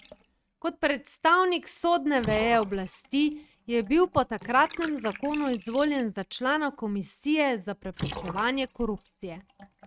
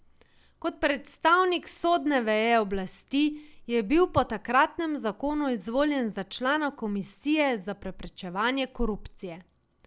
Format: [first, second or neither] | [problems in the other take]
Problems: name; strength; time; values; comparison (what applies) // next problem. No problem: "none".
second | noise reduction (neural mask model RNNoise)